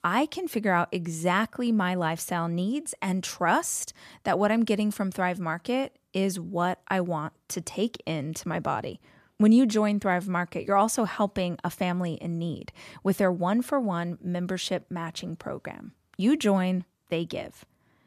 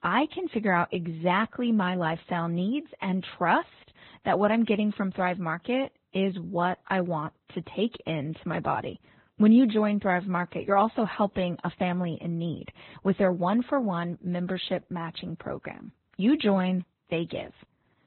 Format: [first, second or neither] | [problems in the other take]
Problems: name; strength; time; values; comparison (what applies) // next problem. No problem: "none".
first | garbled, watery; badly; nothing above 4 kHz